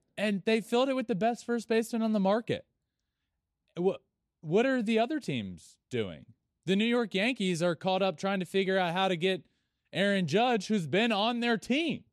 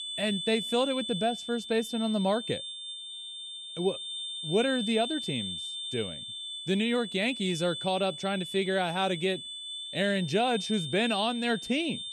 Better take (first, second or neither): first